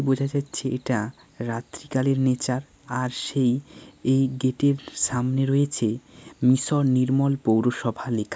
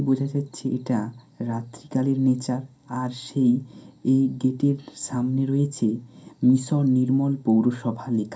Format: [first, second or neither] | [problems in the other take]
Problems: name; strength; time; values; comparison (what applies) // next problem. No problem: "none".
first | room echo; dies away in 0.3 s